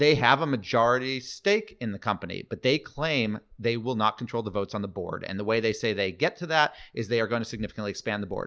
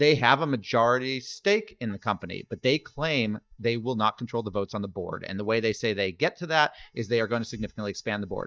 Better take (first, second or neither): first